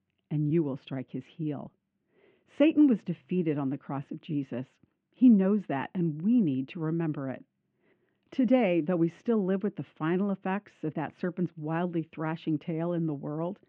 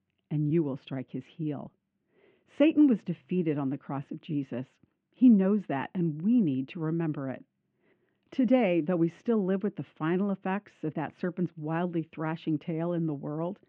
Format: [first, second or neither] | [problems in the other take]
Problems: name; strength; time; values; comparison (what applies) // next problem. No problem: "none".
neither | muffled; very; fading above 2.5 kHz; the same in both